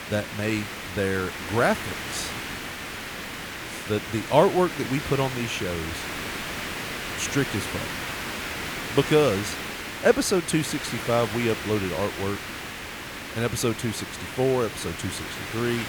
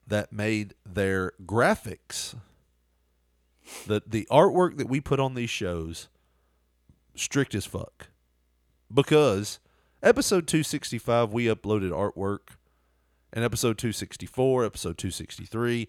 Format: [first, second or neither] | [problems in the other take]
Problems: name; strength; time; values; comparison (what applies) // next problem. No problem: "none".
second | hiss; loud; throughout; 6 dB below the speech